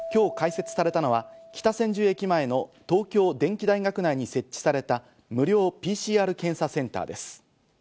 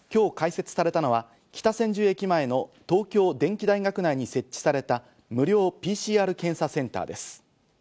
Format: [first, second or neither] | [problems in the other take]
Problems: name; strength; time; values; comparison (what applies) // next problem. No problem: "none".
second | background sound (Keyboard (musical)); 20 dB below the speech